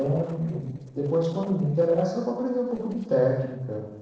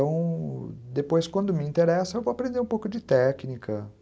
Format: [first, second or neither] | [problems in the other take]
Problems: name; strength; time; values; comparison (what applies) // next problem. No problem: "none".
second | noise reduction (neural separator model SepFormer DNS4)